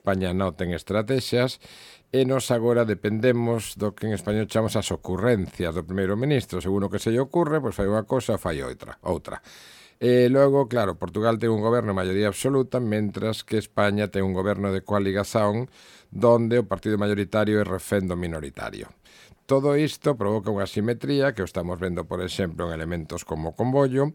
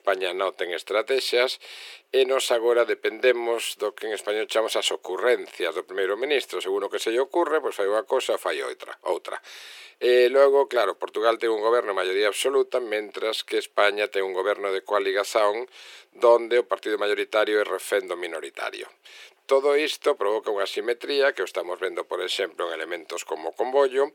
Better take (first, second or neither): first